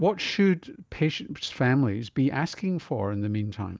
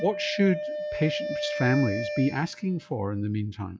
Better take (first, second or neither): first